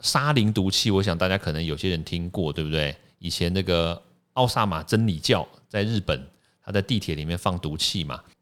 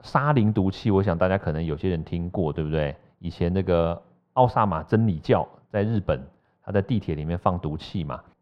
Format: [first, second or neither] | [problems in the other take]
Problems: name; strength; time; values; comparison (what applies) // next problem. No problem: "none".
first | muffled; very; fading above 3.5 kHz